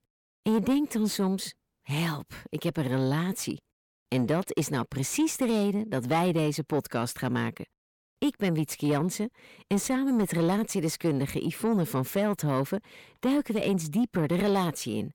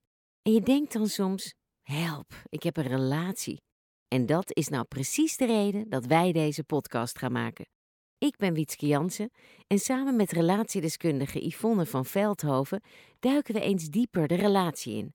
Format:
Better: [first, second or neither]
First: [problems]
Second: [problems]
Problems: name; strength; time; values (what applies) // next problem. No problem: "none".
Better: second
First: distortion; slight; 10 dB below the speech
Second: none